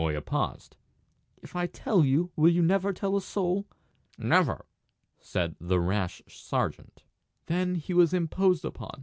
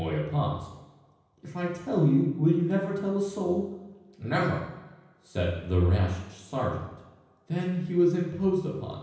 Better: first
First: none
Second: room echo; dies away in 0.9 s

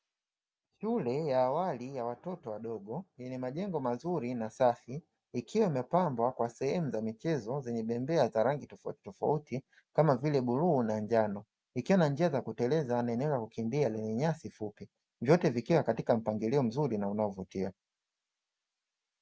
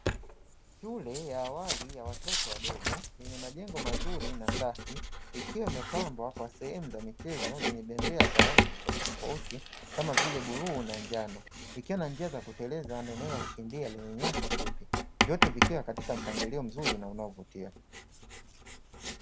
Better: first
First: none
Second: background sound (Writing + Door); 5 dB above the speech

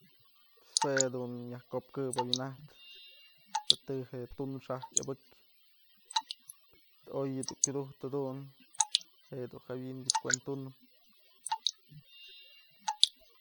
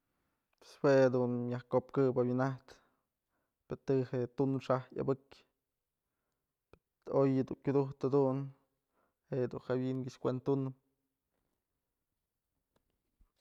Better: second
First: background sound (Drip / Water); 3 dB above the speech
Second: none

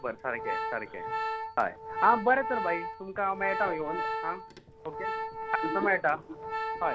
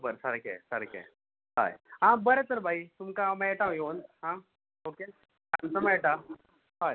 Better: second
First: background sound (Organ); 4 dB below the speech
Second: none

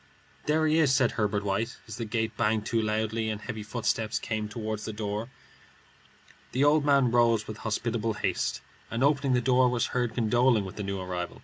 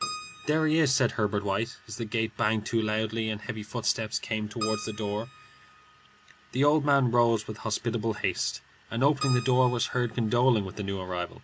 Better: first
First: none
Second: background sound (Keyboard (musical)); 16 dB below the speech

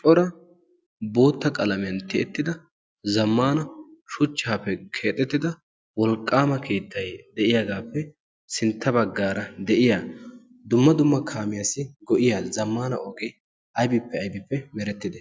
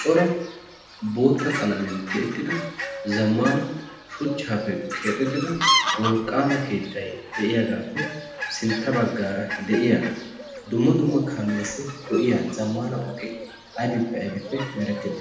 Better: first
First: none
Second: background sound (Fowl); 7 dB below the speech // room echo; dies away in 0.8 s

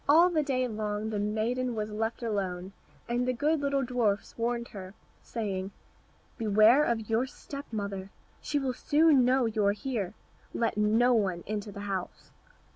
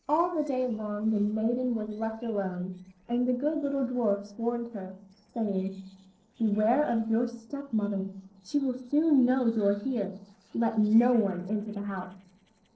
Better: first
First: none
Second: noise reduction (neural separator model SepFormer DNS4)

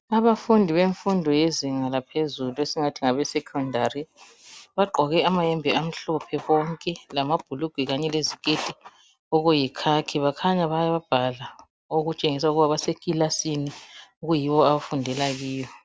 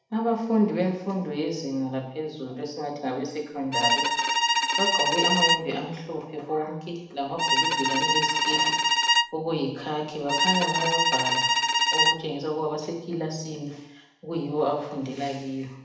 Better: first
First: none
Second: background sound (Bowed string instrument); 5 dB above the speech // room echo; dies away in 0.8 s

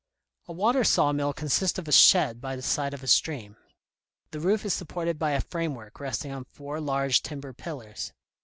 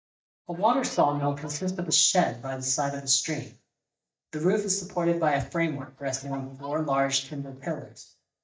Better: first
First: none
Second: noise reduction (neural mask model DeepFilterNet 3)

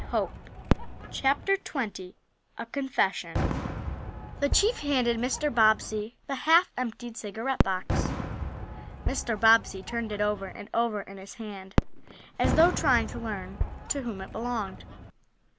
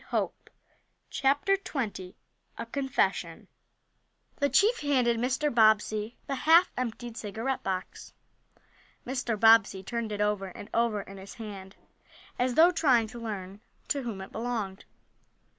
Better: second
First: background sound (Fireworks + Fireworks); 4 dB below the speech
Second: none

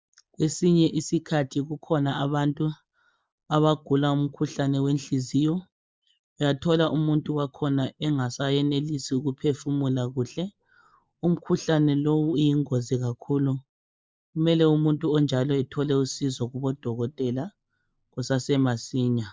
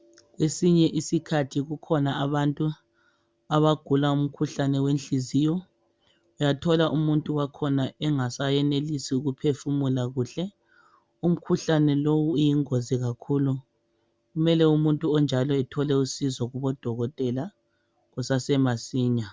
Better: second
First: noise reduction (neural mask model Resemble Enhance denoiser)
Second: none

